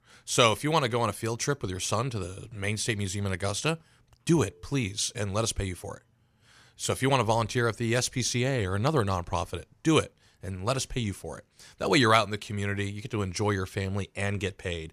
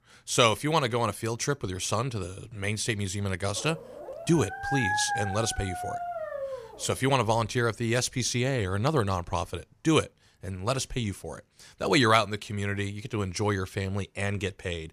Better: first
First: none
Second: dog barking; loud; from 3.5 to 7 s; peak level with the speech

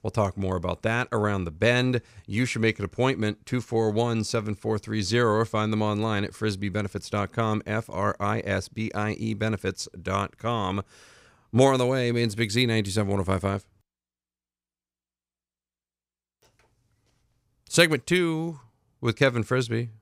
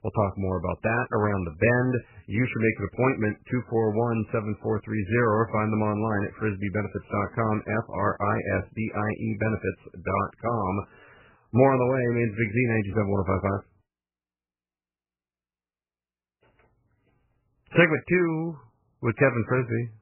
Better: first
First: none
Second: garbled, watery; badly; nothing above 2.5 kHz

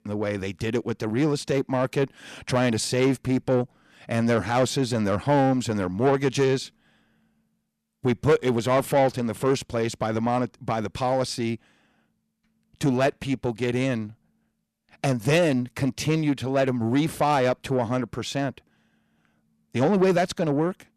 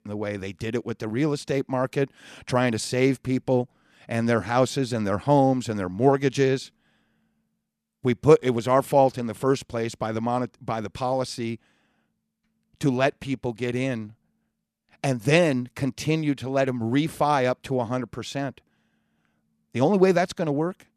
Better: second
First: distortion; slight; 10 dB below the speech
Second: none

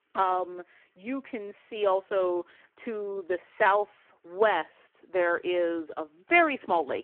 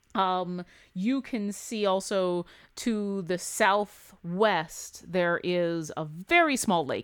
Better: second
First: phone-call audio; poor line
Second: none

